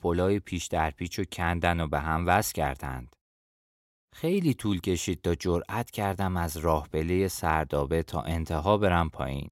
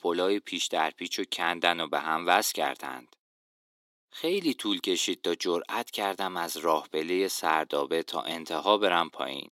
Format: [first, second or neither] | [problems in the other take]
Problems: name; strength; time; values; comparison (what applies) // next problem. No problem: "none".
first | thin; somewhat; fading below 300 Hz